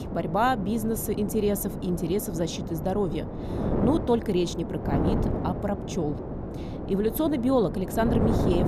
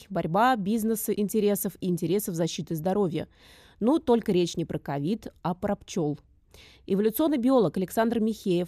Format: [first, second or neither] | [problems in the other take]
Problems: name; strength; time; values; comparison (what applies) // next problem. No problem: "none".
second | wind noise on the microphone; heavy; 6 dB below the speech